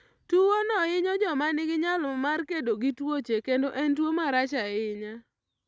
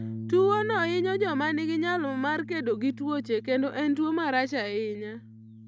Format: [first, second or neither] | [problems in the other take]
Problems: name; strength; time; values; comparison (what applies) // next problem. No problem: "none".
first | background sound (Bass guitar); 13 dB below the speech